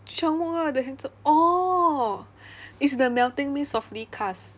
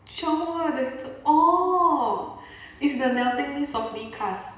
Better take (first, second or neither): first